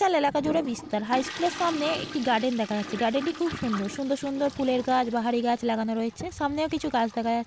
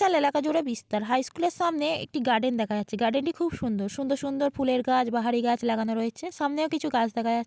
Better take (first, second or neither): second